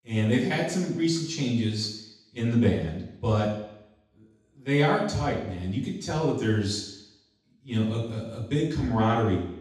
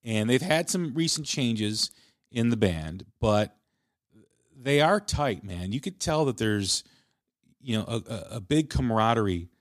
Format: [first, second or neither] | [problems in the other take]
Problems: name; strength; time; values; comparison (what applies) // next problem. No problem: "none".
second | room echo; noticeable; dies away in 0.8 s // off-mic speech; far